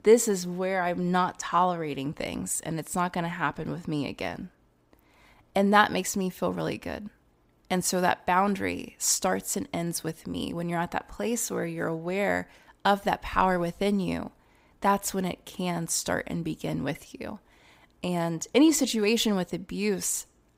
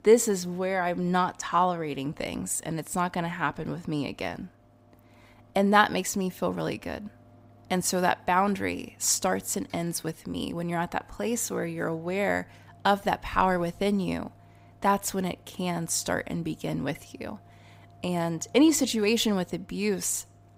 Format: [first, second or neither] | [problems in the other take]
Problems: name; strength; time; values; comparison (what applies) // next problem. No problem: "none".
first | machinery noise; faint; throughout; 30 dB below the speech